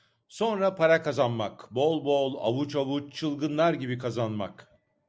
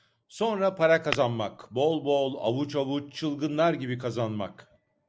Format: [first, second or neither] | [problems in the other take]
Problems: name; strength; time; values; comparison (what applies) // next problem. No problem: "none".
first | background sound (Tap / Glass); 10 dB below the speech